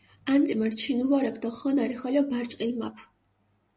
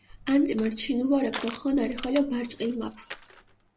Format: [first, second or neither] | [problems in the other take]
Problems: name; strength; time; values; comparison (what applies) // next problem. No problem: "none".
first | background sound (Crushing); 15 dB below the speech